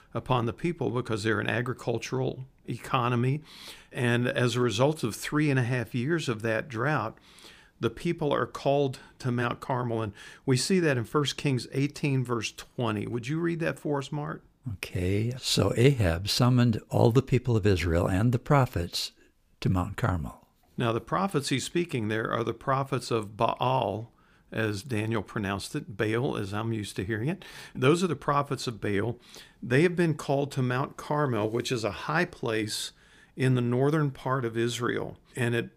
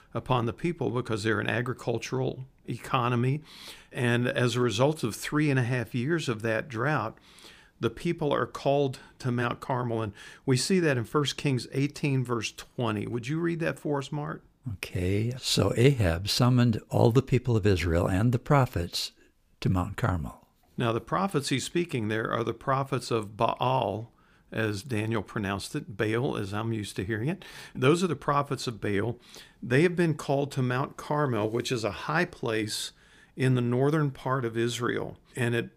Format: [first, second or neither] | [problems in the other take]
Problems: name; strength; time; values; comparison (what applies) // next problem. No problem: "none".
neither | none